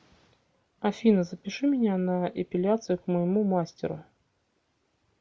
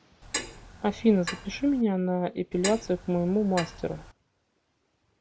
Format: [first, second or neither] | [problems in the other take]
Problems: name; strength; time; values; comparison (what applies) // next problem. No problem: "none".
first | background sound (Clock); 10 dB below the speech